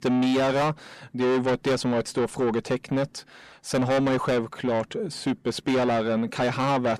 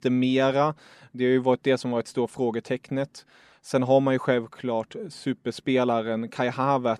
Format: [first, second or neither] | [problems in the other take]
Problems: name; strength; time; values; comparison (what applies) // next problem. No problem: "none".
second | distortion; heavy; 6 dB below the speech